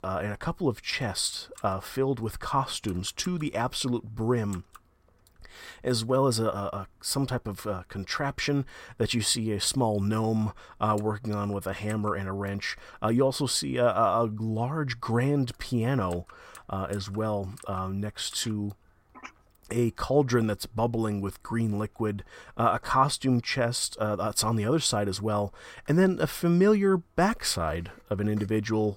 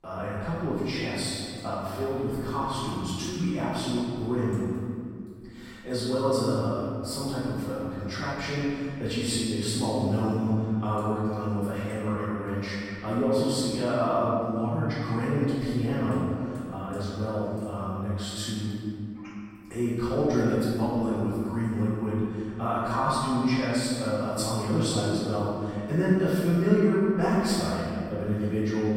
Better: first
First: none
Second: room echo; strong; dies away in 2.2 s // off-mic speech; far

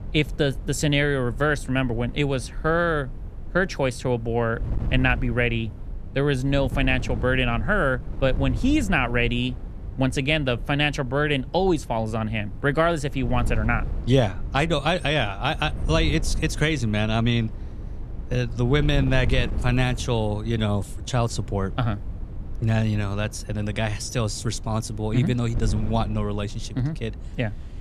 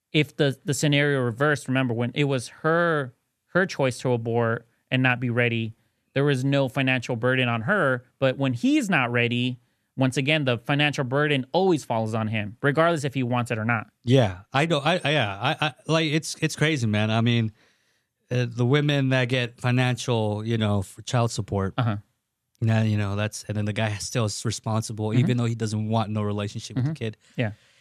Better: second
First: wind noise on the microphone; occasional gusts; 20 dB below the speech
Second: none

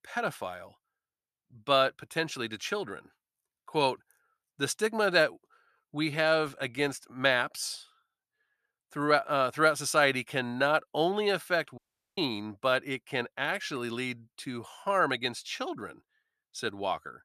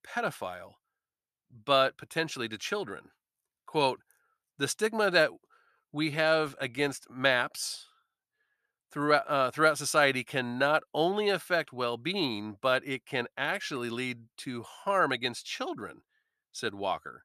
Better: second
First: audio cutting out; at 12 s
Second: none

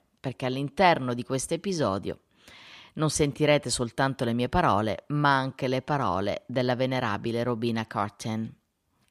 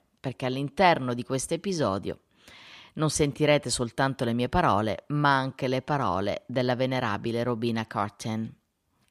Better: neither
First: none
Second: none

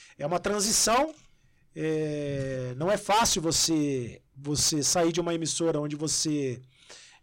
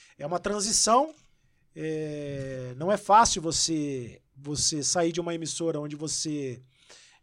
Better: second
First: distortion; heavy; 8% of the sound clipped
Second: none

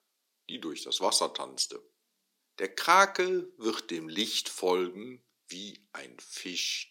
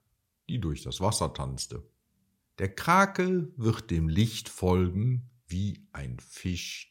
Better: second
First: thin; very; fading below 300 Hz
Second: none

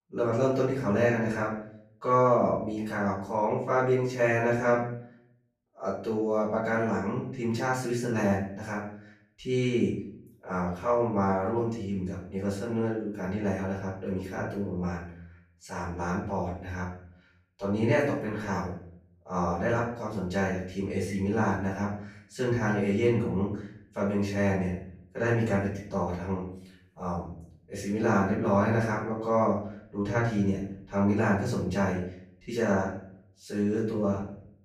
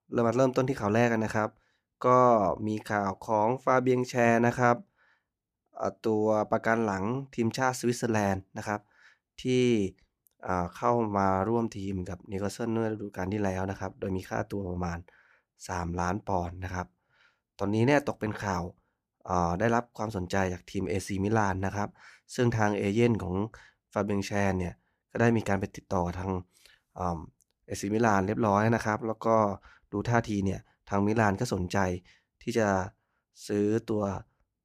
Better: second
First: off-mic speech; far // room echo; noticeable; dies away in 0.6 s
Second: none

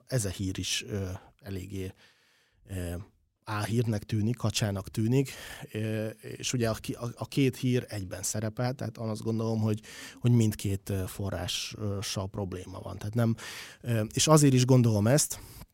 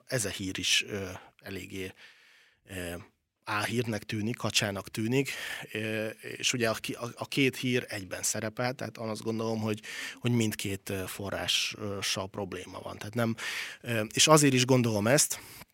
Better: first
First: none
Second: thin; very slightly; fading below 550 Hz

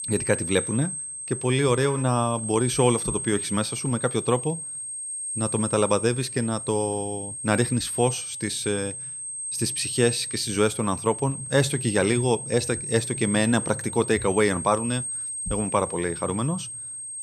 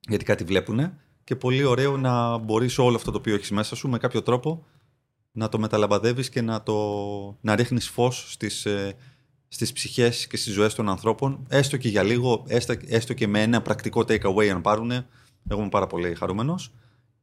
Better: second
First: high-pitched whine; loud; throughout; 8.5 kHz, 5 dB below the speech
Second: none

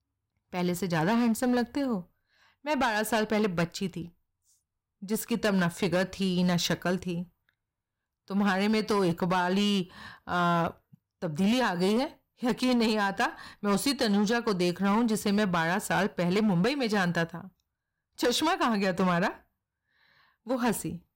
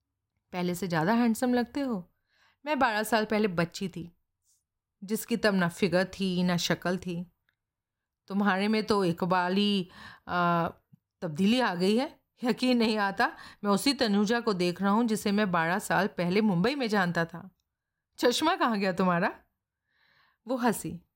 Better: second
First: distortion; slight; 9% of the sound clipped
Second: none

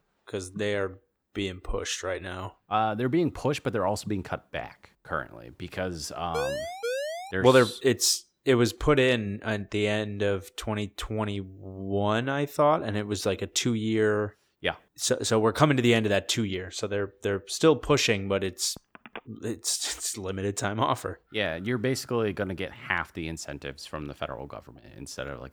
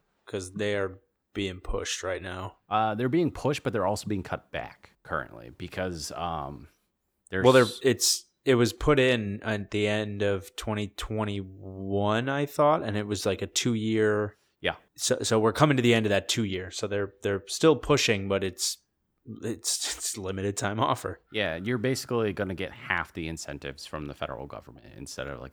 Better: second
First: siren; noticeable; at 6.5 s; peak 4 dB below the speech // phone ringing; faint; at 19 s; peak 15 dB below the speech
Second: none

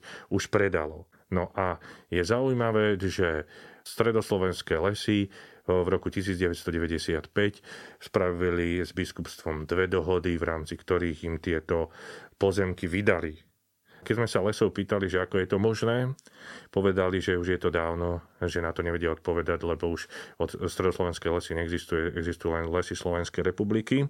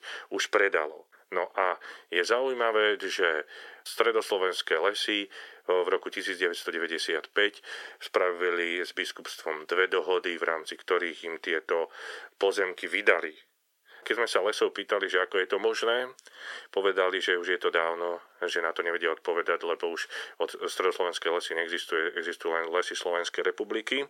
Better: first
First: none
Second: thin; very; fading below 400 Hz

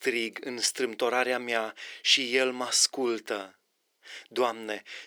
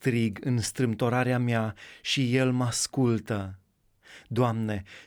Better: second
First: thin; very; fading below 350 Hz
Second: none

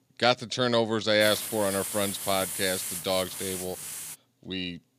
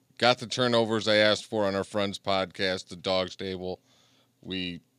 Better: second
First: hiss; loud; from 1 to 4 s; 6 dB below the speech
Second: none

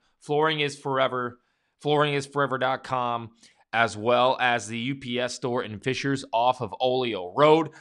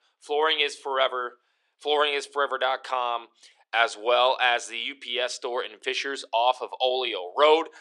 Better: first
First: none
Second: thin; very; fading below 400 Hz

